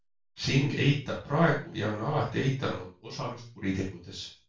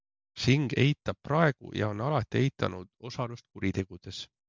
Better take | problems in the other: second | room echo; dies away in 0.3 s

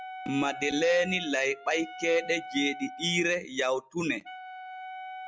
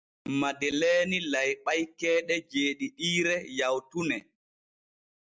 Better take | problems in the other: second | background sound (Wind instrument, woodwind instrument); 13 dB below the speech

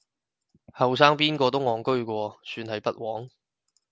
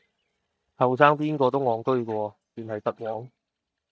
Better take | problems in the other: first | noise reduction (neural mask model DeepFilterNet 3)

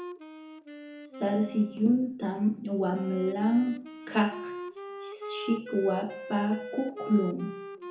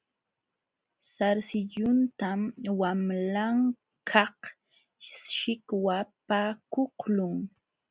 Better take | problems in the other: second | background sound (Wind instrument, woodwind instrument); 12 dB below the speech // room echo; dies away in 0.7 s

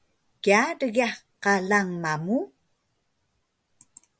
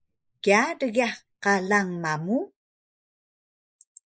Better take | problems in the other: first | noise reduction (neural mask model Resemble Enhance denoiser)

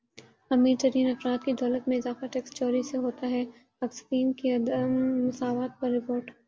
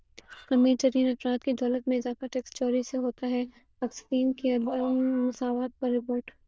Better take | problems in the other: first | noise reduction (neural diffusion model UNIVERSE++)

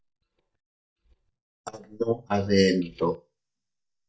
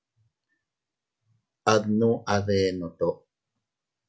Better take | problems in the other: second | noise reduction (neural mask model DeepFilterNet 3)

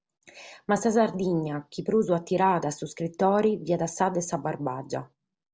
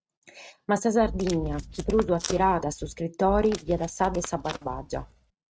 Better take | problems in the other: first | noise reduction (neural mask model RNNoise)

